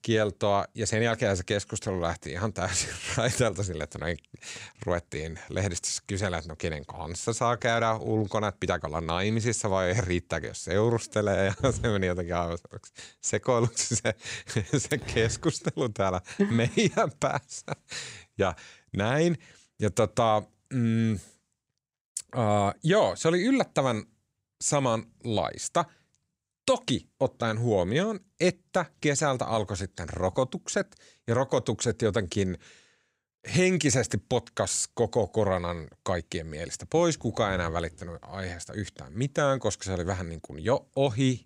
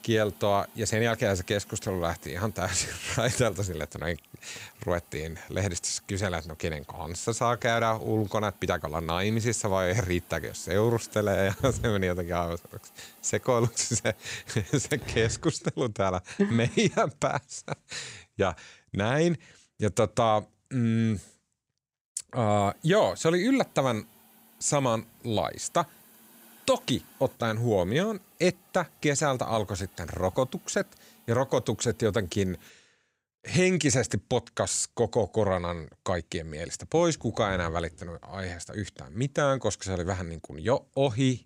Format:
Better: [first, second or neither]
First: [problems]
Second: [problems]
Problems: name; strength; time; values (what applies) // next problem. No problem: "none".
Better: first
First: none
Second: hiss; faint; until 15 s and from 23 to 33 s; 25 dB below the speech